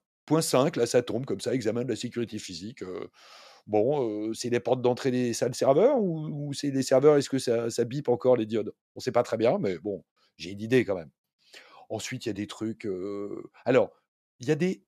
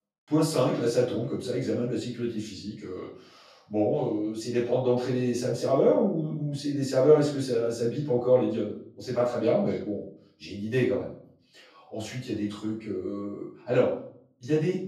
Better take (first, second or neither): first